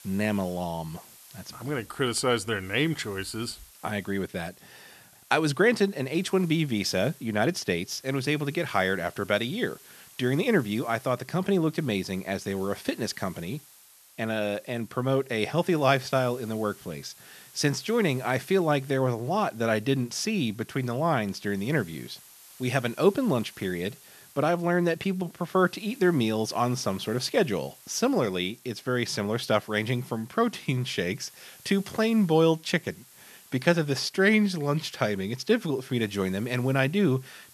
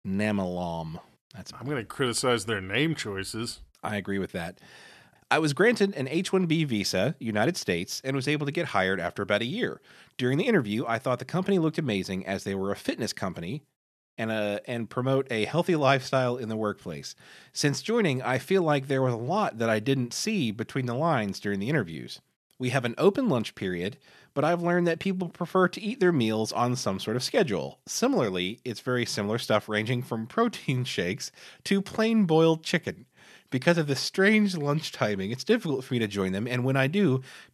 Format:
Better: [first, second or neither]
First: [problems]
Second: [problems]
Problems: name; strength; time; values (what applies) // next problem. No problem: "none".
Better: second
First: hiss; faint; throughout; 25 dB below the speech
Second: none